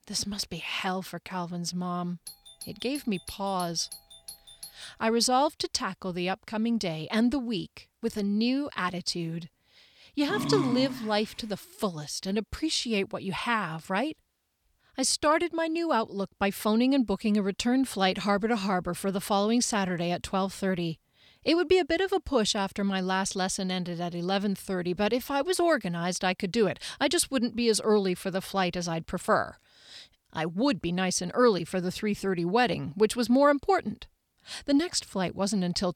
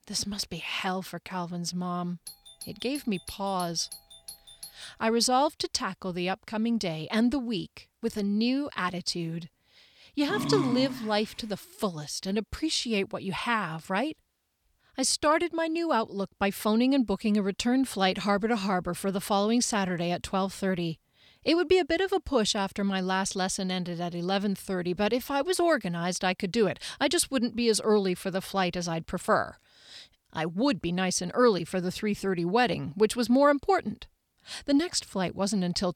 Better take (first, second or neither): neither